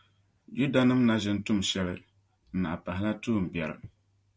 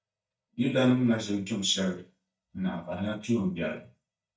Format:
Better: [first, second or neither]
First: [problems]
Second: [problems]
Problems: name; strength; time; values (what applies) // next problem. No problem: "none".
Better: first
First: none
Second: noise reduction (neural mask model DeepFilterNet 3)